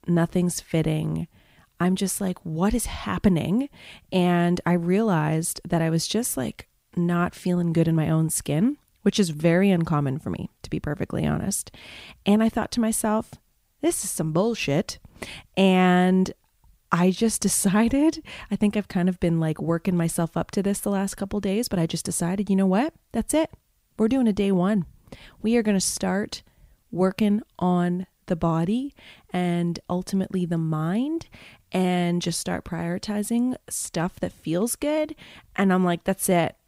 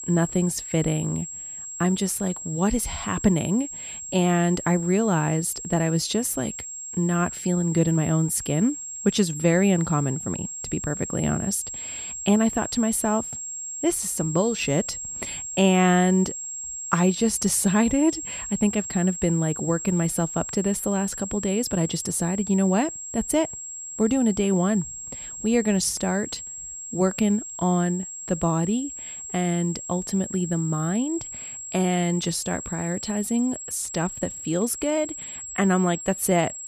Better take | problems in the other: first | high-pitched whine; loud; throughout; 7.5 kHz, 8 dB below the speech

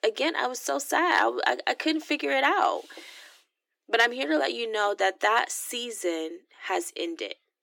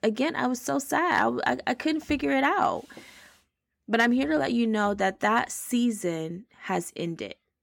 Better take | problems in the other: second | thin; somewhat; fading below 300 Hz

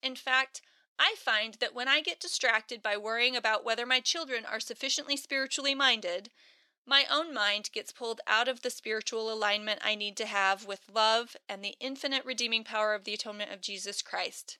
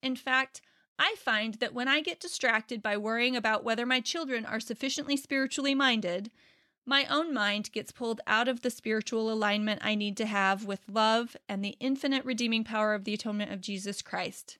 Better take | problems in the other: second | thin; somewhat; fading below 500 Hz

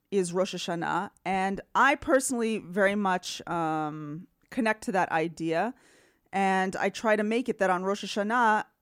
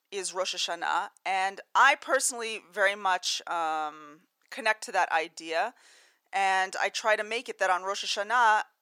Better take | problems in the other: first | thin; very; fading below 750 Hz

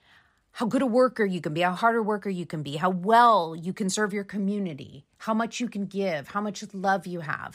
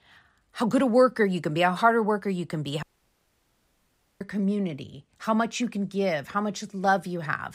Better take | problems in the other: first | audio cutting out; at 3 s for 1.5 s

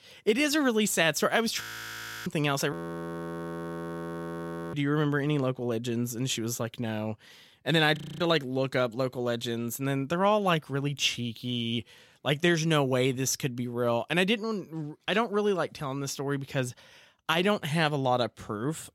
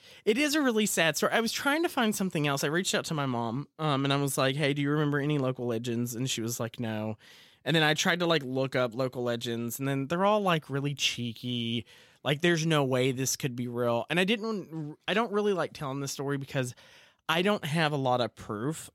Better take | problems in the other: second | audio freezing; at 1.5 s for 0.5 s, at 2.5 s for 2 s and at 8 s

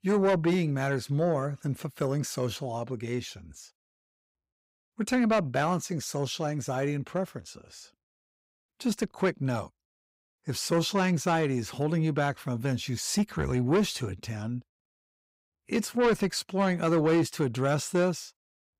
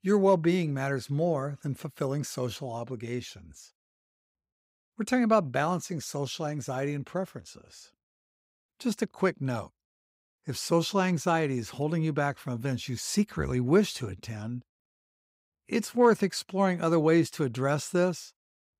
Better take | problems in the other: second | distortion; slight; 10 dB below the speech

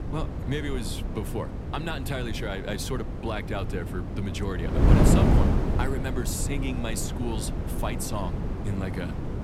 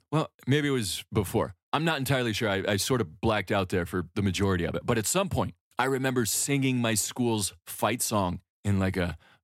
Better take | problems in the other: second | wind noise on the microphone; heavy; 1 dB below the speech

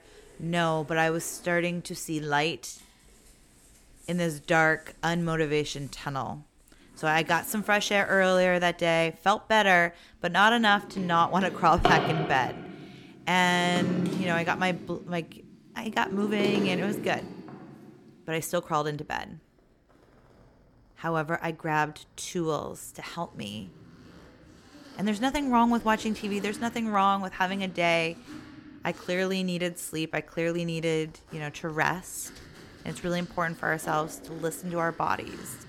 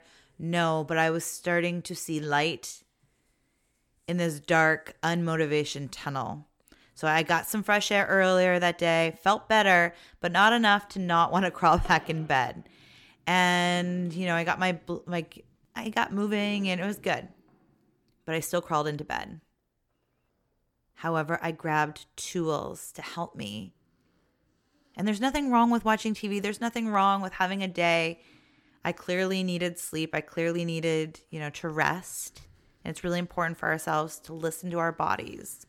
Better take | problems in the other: second | household noises; loud; throughout; 10 dB below the speech; faint in the second

